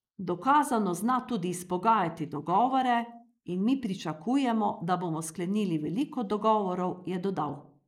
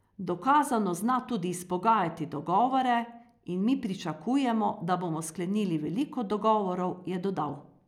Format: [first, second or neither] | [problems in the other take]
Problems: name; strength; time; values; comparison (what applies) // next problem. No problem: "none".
second | noise reduction (neural mask model Resemble Enhance denoiser)